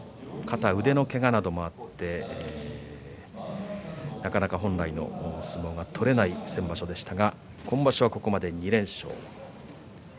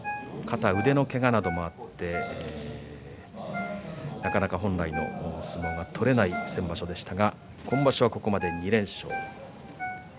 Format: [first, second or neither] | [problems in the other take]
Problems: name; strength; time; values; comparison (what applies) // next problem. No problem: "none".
first | background sound (Ringtone); 11 dB below the speech